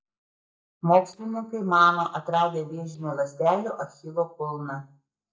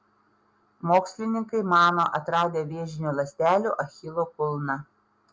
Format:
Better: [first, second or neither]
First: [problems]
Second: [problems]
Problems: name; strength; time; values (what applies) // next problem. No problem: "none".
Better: second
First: noise reduction (neural mask model DeepFilterNet 3)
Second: none